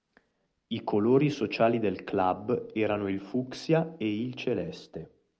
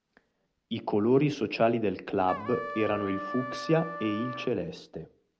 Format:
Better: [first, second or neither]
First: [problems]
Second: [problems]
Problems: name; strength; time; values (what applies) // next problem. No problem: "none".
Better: first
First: none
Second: background sound (Trumpet); 9 dB below the speech